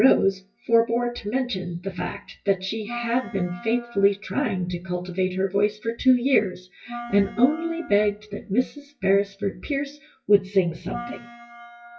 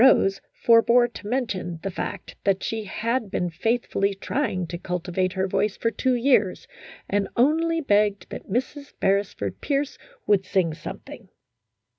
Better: second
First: noise reduction (classical method WPE with log-MMSE)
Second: none

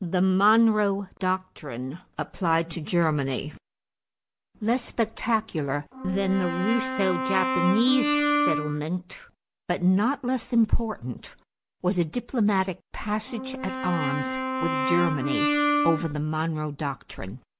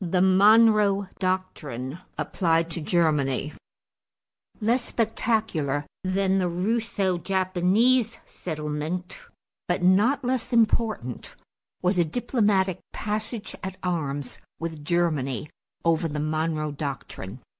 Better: second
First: background sound (Brass instrument); 1 dB below the speech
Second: none

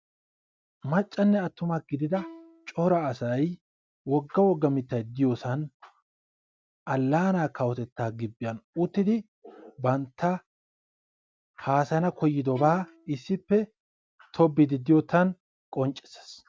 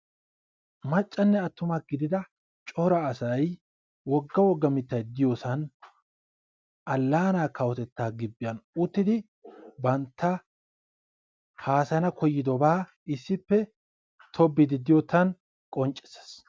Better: second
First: background sound (Bowed string instrument); 20 dB below the speech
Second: none

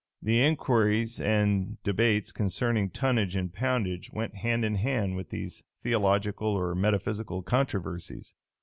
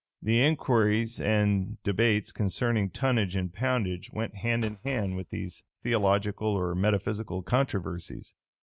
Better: first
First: none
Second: noise reduction (neural mask model RNNoise)

